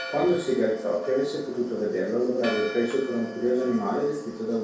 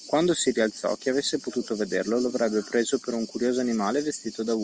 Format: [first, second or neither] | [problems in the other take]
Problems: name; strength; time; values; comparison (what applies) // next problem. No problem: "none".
second | background sound (Church bell); 14 dB below the speech // room echo; dies away in 0.6 s